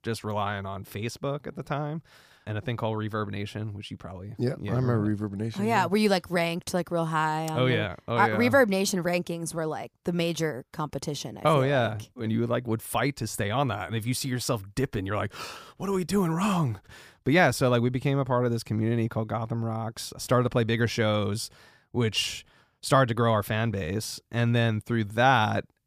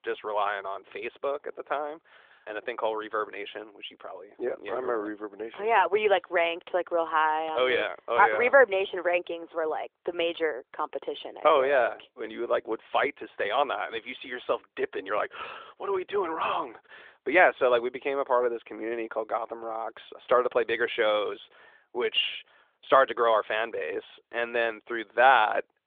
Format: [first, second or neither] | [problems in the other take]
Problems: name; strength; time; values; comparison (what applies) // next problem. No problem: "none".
first | phone-call audio; nothing above 3.5 kHz